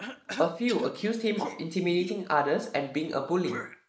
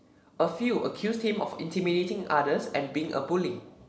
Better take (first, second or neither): second